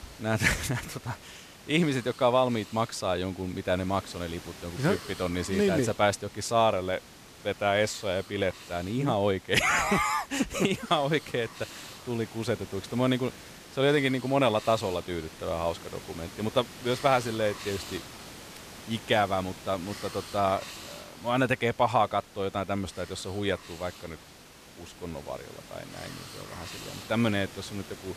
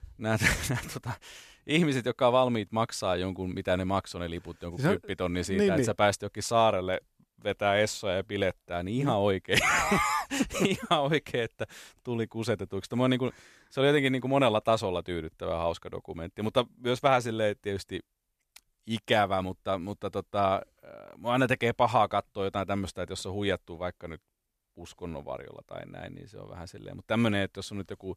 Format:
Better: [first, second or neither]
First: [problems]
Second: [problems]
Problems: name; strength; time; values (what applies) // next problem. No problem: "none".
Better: second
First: hiss; noticeable; throughout; 15 dB below the speech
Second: none